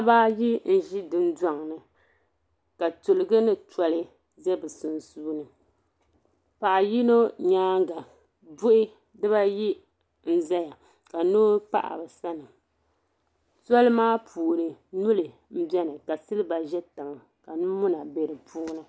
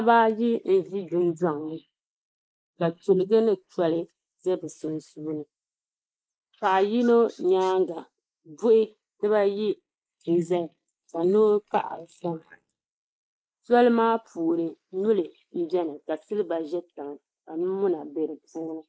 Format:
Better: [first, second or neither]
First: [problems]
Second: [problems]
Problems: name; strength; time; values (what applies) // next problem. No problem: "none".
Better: first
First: none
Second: noise reduction (neural mask model Resemble Enhance denoiser)